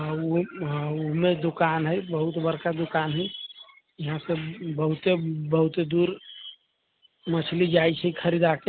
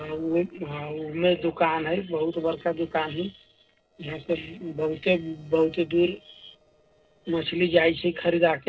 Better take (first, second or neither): first